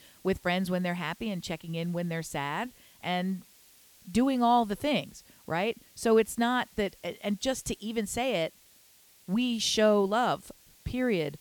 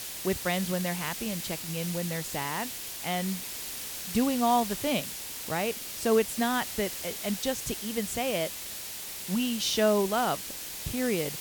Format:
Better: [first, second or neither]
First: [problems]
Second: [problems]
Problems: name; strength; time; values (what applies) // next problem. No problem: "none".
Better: first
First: hiss; faint; throughout; 25 dB below the speech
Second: hiss; loud; throughout; 5 dB below the speech